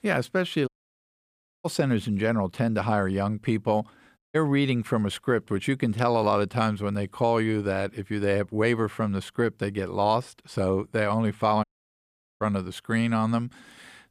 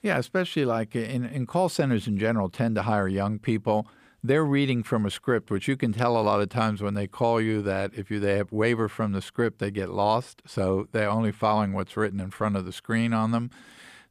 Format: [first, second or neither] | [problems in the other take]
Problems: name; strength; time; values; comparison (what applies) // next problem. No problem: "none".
second | audio cutting out; at 0.5 s for 1 s, at 4 s and at 12 s for 1 s